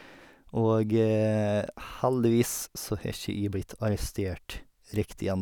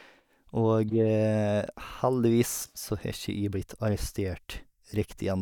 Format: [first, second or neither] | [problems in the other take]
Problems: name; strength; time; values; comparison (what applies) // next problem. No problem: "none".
first | noise reduction (neural mask model DeepFilterNet 3)